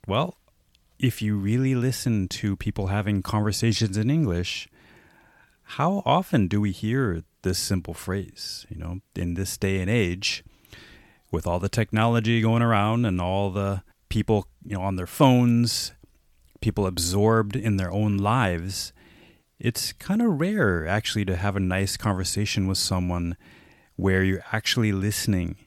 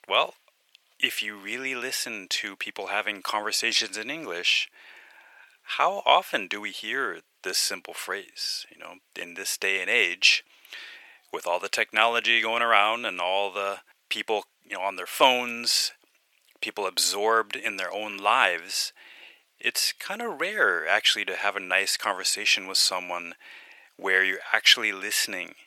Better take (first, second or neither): first